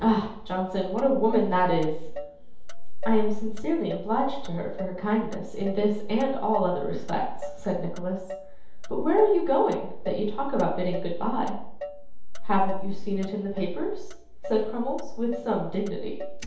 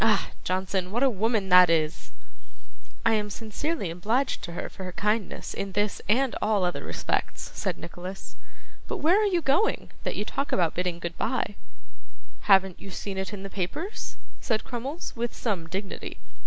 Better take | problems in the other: second | background sound (Motor vehicle (road)); 18 dB below the speech // room echo; dies away in 0.8 s

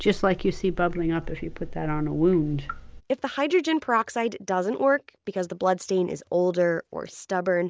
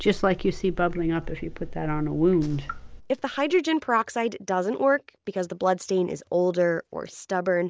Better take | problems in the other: first | background sound (Gunshot, gunfire); 19 dB below the speech

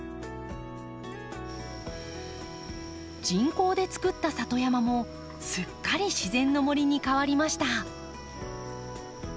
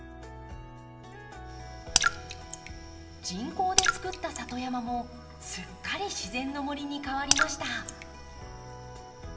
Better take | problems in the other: first | background sound (Raindrop / Splash, splatter); 4 dB above the speech // room echo; dies away in 1.9 s

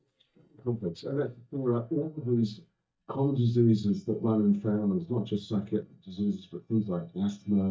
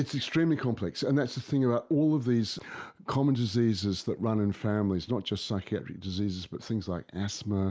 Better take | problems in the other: second | noise reduction (neural mask model DeepFilterNet 3)

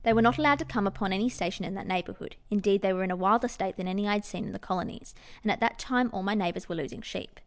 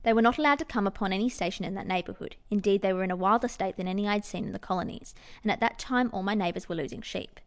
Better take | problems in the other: second | background sound (Piano); 18 dB below the speech

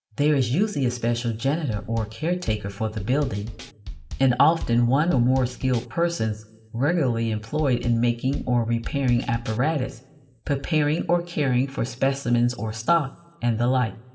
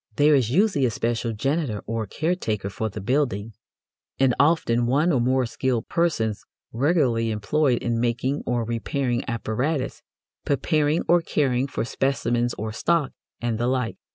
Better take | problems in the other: second | background sound (Drum kit); 12 dB below the speech // room echo; dies away in 0.8 s

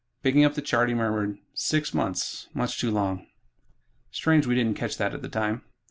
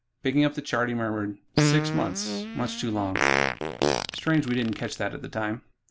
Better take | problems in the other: first | background sound (Fart); as loud as the speech

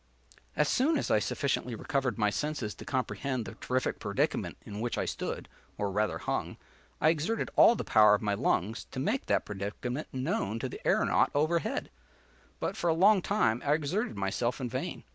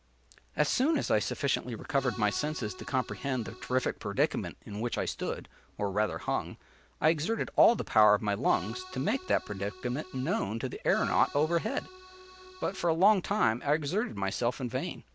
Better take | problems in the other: first | background sound (Accordion); 17 dB below the speech

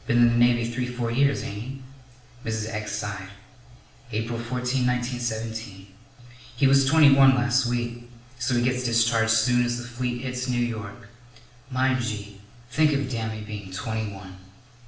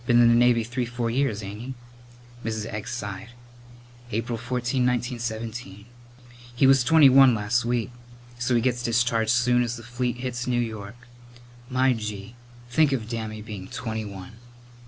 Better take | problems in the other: second | room echo; dies away in 0.6 s

